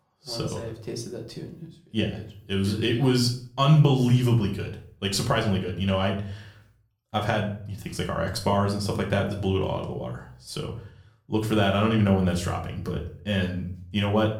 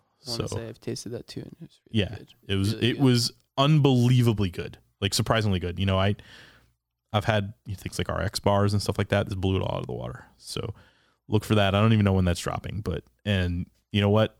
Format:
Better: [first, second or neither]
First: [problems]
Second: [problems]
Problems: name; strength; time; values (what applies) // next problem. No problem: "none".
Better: second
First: room echo; slight; dies away in 0.4 s // off-mic speech; somewhat distant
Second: none